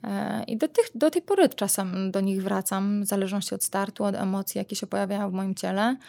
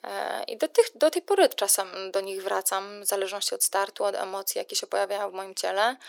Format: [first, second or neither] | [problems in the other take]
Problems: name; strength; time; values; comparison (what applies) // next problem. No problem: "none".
first | thin; very; fading below 400 Hz